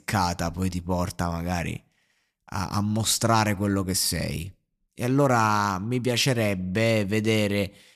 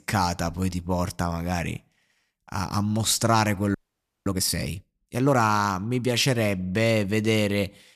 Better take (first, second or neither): first